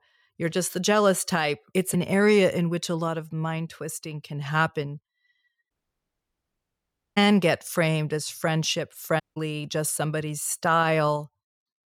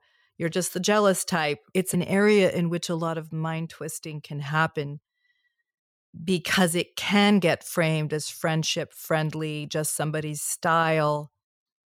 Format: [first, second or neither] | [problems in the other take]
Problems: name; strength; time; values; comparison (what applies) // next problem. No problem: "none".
second | audio cutting out; at 5.5 s for 1.5 s and at 9 s